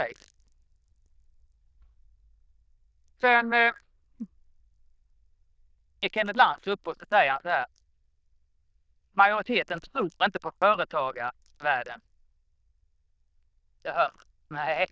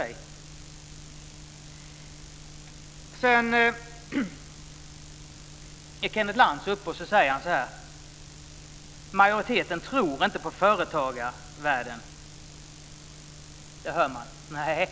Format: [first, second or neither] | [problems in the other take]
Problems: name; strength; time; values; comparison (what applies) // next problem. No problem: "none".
second | noise reduction (neural diffusion model UNIVERSE++)